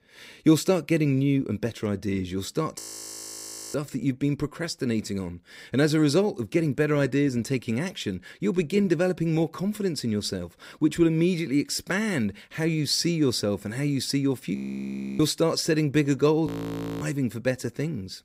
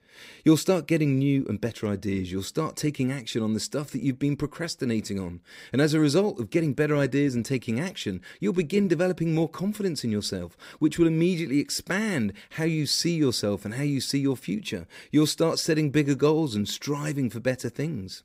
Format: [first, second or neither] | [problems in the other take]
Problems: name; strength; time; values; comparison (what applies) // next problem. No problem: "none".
second | audio freezing; at 3 s for 1 s, at 15 s for 0.5 s and at 16 s for 0.5 s